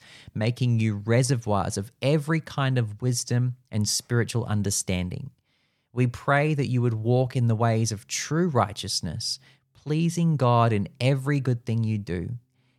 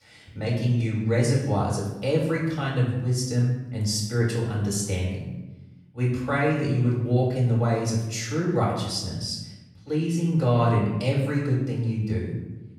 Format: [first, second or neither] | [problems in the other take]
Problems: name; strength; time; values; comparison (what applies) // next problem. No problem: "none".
first | off-mic speech; far // room echo; noticeable; dies away in 0.9 s